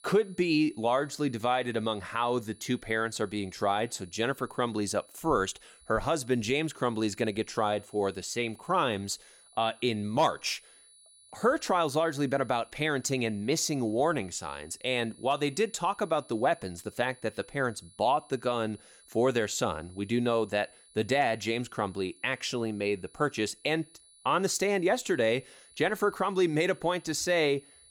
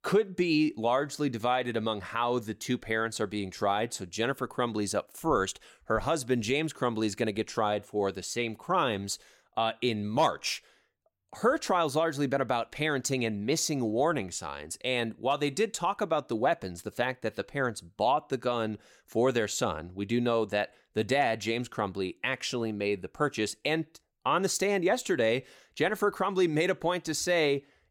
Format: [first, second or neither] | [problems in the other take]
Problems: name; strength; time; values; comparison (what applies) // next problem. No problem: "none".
second | high-pitched whine; faint; throughout; 10 kHz, 25 dB below the speech